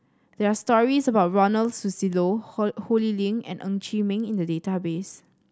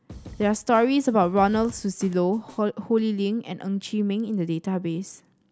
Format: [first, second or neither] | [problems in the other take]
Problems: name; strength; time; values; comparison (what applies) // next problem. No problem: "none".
first | background sound (Snare drum / Drum kit); 20 dB below the speech